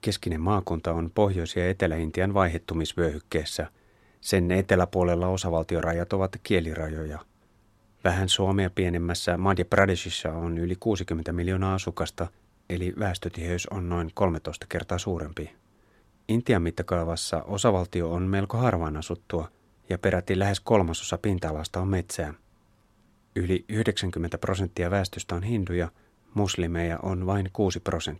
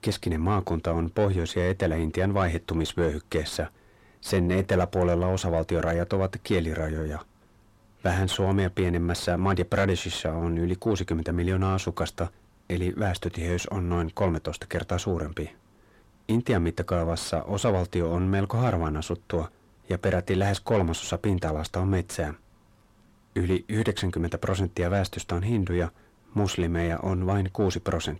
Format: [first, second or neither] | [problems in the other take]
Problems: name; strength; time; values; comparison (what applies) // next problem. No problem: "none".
first | distortion; slight; 10 dB below the speech